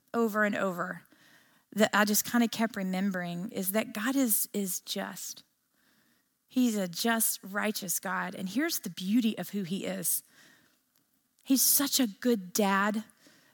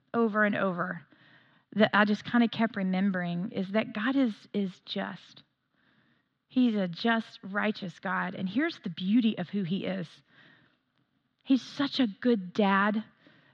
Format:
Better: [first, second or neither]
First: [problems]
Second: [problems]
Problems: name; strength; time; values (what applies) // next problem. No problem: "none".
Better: first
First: none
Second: muffled; very; fading above 3.5 kHz